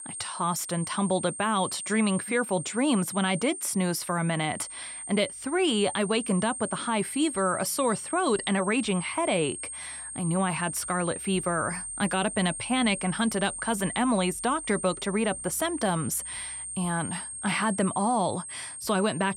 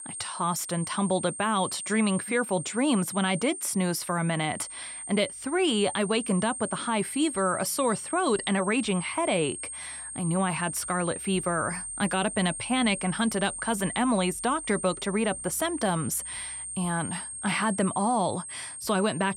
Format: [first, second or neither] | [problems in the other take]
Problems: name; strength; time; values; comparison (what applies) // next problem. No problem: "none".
neither | high-pitched whine; loud; throughout; 8.5 kHz, 7 dB below the speech; the same in both